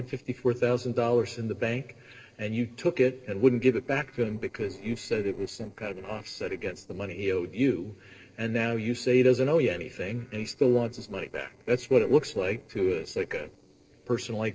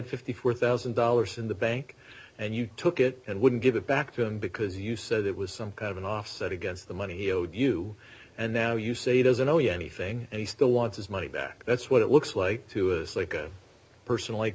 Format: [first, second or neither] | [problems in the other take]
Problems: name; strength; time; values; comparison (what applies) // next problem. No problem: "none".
second | noise reduction (neural separator model SepFormer DNS4)